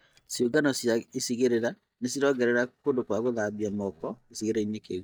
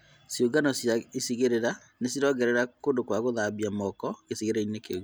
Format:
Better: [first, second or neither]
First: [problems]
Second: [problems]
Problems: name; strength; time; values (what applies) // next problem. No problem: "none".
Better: second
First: noise reduction (neural mask model DeepFilterNet 3)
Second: none